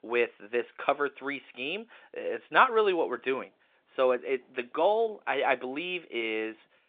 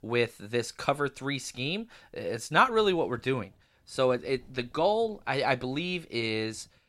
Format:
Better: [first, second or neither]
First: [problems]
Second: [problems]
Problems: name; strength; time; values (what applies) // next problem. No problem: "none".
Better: second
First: phone-call audio; nothing above 3.5 kHz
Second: none